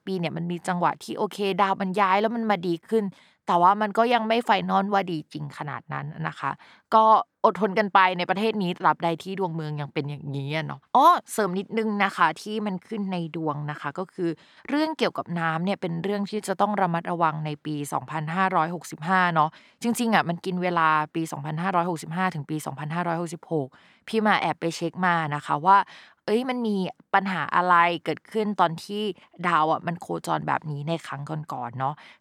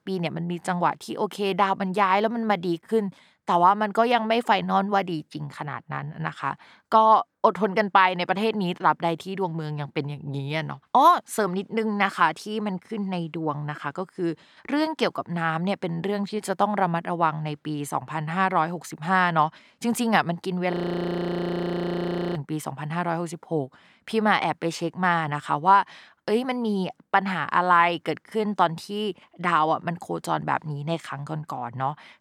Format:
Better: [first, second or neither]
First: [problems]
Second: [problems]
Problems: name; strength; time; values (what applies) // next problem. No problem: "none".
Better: first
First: none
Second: audio freezing; at 21 s for 1.5 s